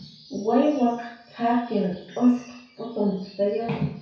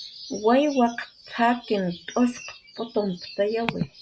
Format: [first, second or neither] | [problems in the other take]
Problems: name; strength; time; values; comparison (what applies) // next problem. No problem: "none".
second | room echo; dies away in 0.6 s